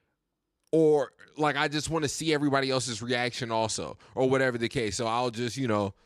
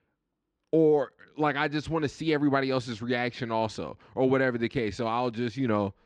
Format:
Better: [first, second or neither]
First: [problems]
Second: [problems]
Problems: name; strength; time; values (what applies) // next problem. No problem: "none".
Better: first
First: none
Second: muffled; slightly; fading above 3 kHz